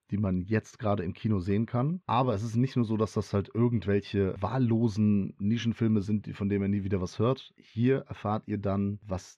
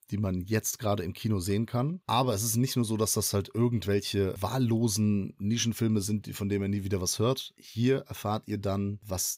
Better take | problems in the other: second | muffled; very; fading above 2 kHz

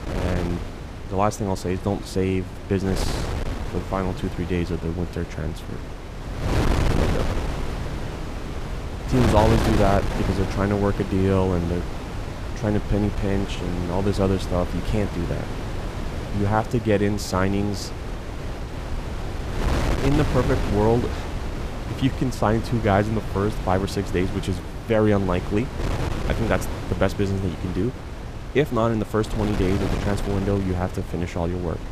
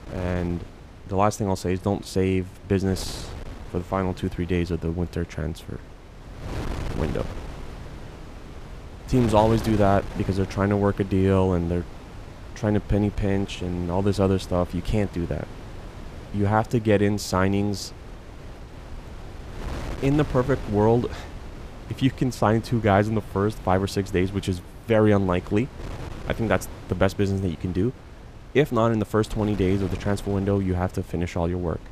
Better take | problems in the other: second | wind noise on the microphone; heavy; 7 dB below the speech; occasional gusts in the second

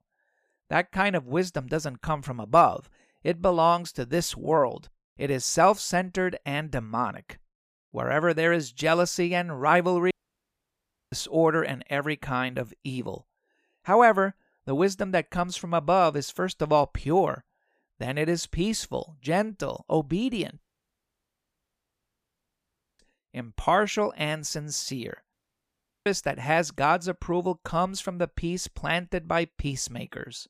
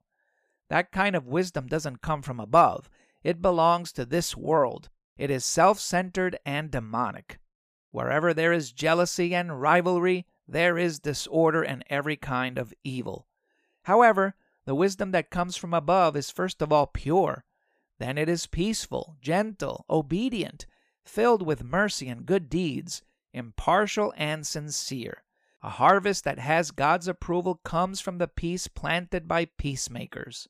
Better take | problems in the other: second | audio cutting out; at 10 s for 1 s, at 21 s for 2.5 s and at 25 s for 0.5 s

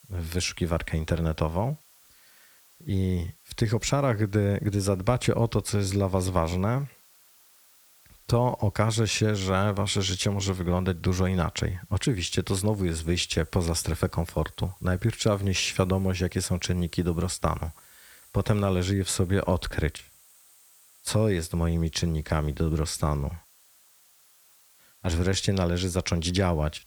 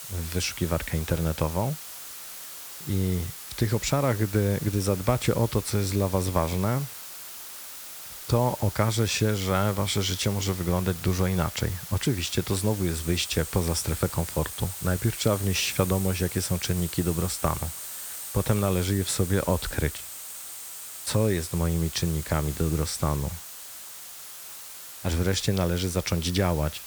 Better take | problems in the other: first | hiss; loud; throughout; 9 dB below the speech; faint in the first

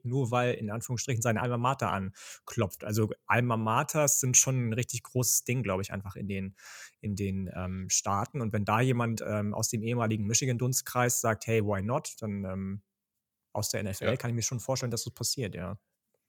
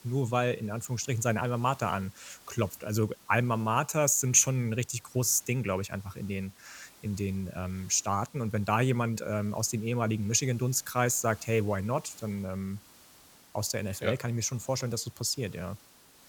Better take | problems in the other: first | hiss; faint; throughout; 25 dB below the speech

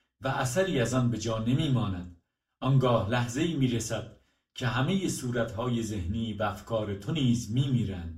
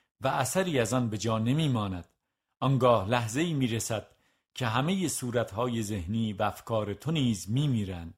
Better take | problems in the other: second | room echo; very slight; dies away in 0.3 s // off-mic speech; far

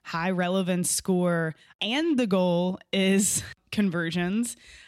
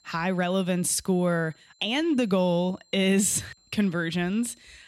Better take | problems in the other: first | high-pitched whine; faint; throughout; 4 kHz, 35 dB below the speech

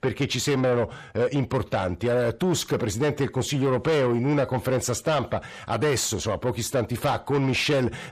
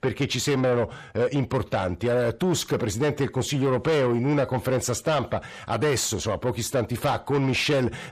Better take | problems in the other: neither | distortion; slight; 10 dB below the speech; the same in both

